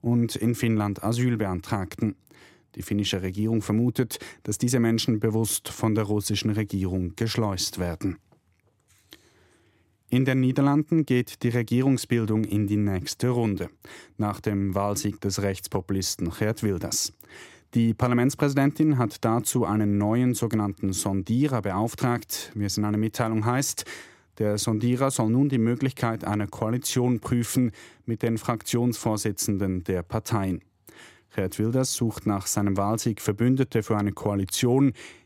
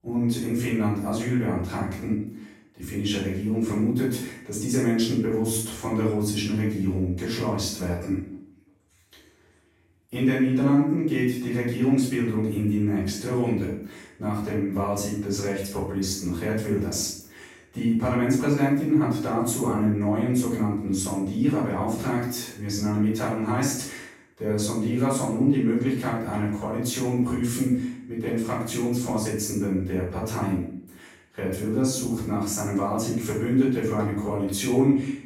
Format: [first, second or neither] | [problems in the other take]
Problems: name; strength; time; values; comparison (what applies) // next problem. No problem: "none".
first | off-mic speech; far // room echo; noticeable; dies away in 0.5 s